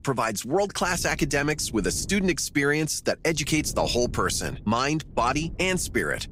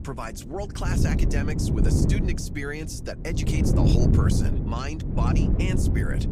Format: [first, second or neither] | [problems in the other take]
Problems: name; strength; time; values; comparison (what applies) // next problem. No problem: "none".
first | wind noise on the microphone; heavy; as loud as the speech; occasional gusts in the first